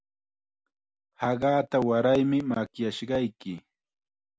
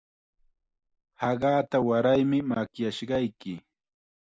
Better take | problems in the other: first | noise reduction (neural mask model Resemble Enhance denoiser)

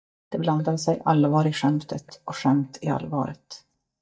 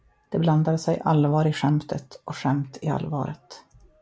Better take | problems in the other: second | noise reduction (neural mask model DeepFilterNet 3)

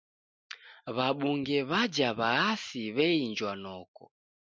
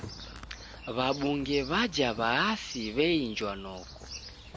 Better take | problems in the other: first | background sound (Chirp, tweet); 13 dB below the speech

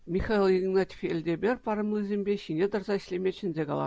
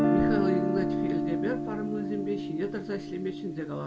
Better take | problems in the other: first | background sound (Guitar); 4 dB above the speech // room echo; dies away in 1 s

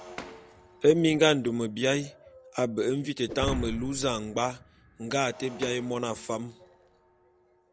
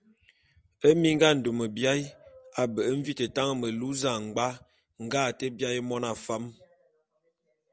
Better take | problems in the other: second | background sound (Shatter); 14 dB below the speech

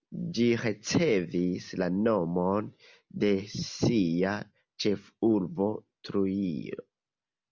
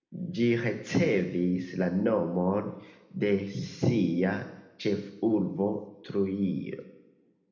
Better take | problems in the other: first | room echo; dies away in 0.9 s

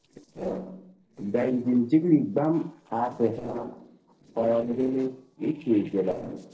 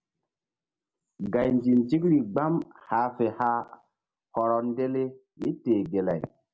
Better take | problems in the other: second | noise reduction (neural separator model SepFormer DNS4)

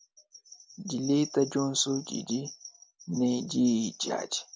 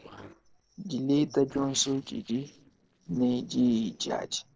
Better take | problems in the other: first | noise reduction (neural separator model SepFormer DNS4)

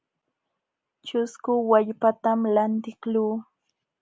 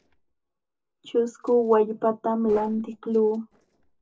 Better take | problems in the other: first | noise reduction (neural separator model SepFormer DNS4)

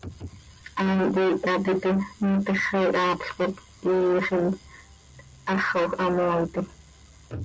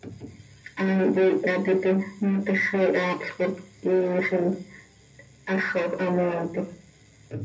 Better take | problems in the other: first | room echo; dies away in 0.3 s

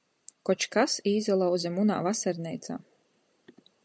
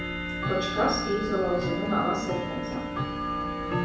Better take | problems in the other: first | background sound (Tick-tock / Bell); 1 dB below the speech // room echo; dies away in 0.7 s

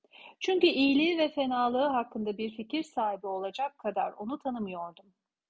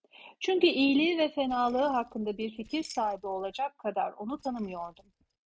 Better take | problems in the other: first | noise reduction (neural mask model RNNoise)

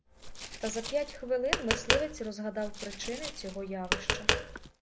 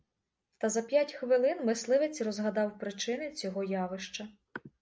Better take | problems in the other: second | background sound (Tap); 1 dB above the speech

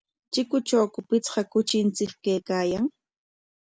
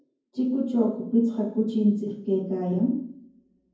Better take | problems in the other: first | room echo; dies away in 0.9 s

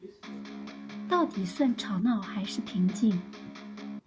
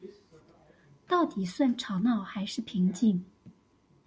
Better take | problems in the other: second | background sound (Electric guitar); 10 dB below the speech

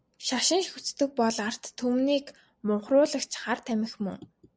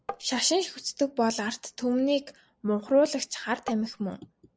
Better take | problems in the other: first | background sound (Tap); 11 dB below the speech

